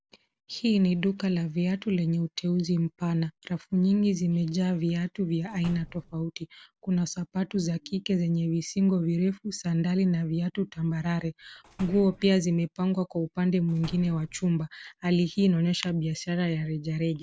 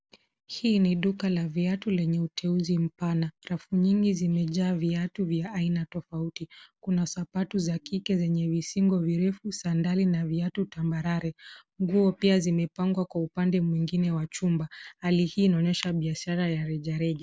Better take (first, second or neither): second